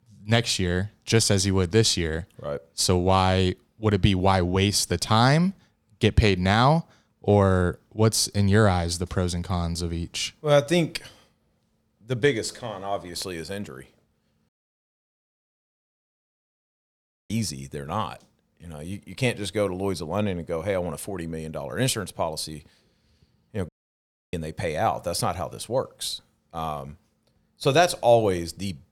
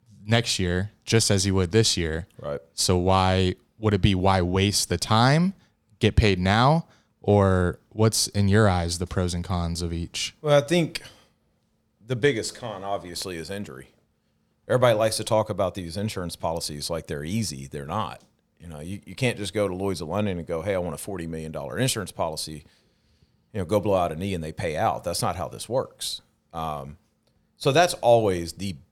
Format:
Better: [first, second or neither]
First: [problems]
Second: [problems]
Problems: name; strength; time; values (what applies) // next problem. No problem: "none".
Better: second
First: audio cutting out; at 14 s for 3 s and at 24 s for 0.5 s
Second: none